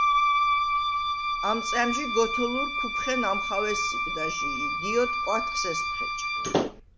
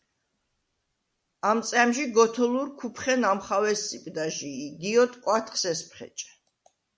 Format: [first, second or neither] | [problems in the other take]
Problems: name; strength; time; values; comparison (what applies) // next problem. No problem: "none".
second | background sound (Wind instrument, woodwind instrument + Slam / Wood); 4 dB above the speech